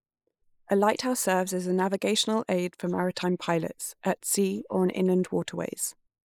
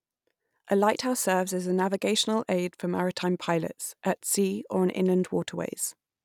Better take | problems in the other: second | noise reduction (neural mask model Resemble Enhance denoiser)

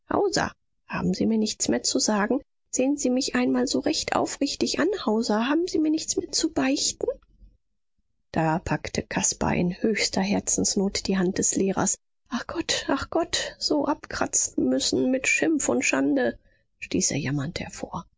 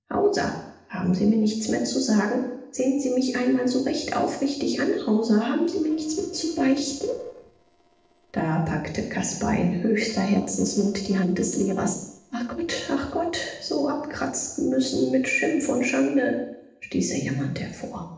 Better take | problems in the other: first | noise reduction (neural separator model SepFormer DNS4)

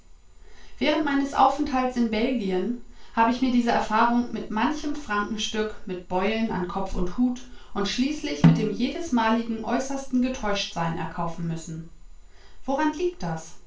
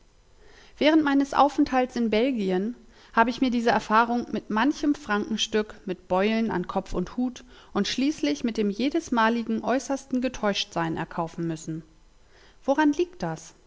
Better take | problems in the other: second | background sound (Snare drum); as loud as the speech // room echo; dies away in 0.2 s

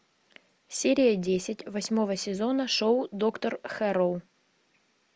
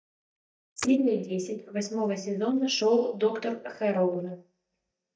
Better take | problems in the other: first | noise reduction (neural mask model DeepFilterNet 3)

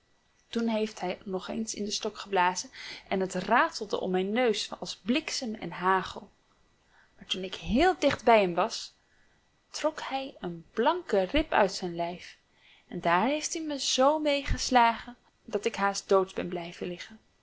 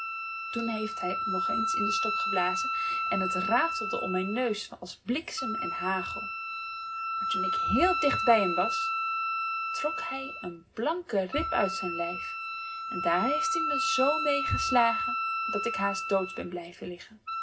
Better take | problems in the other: first | background sound (Wind instrument, woodwind instrument); as loud as the speech // room echo; dies away in 0.4 s

